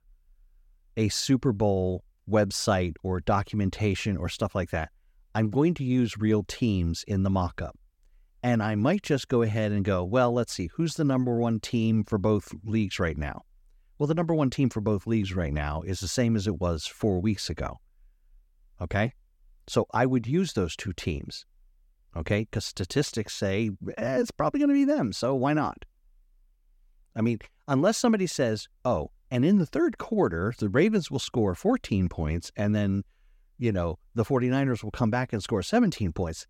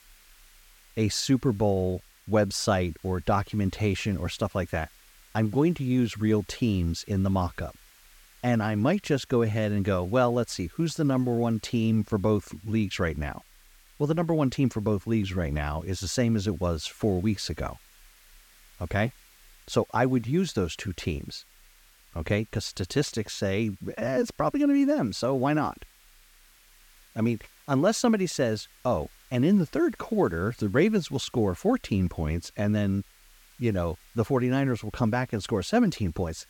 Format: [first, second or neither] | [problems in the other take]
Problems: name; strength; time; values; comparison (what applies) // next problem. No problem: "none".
first | hiss; faint; throughout; 30 dB below the speech